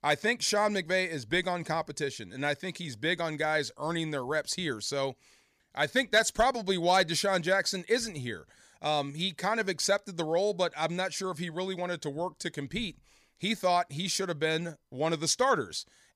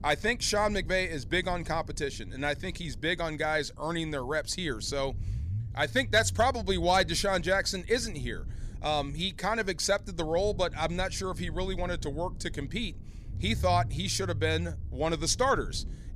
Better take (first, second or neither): first